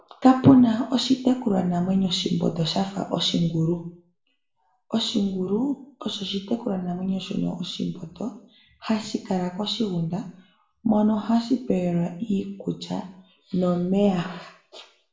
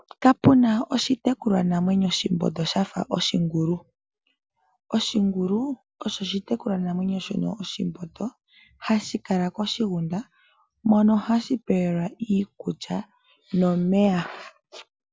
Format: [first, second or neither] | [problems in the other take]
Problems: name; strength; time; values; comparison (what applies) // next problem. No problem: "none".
second | room echo; dies away in 0.5 s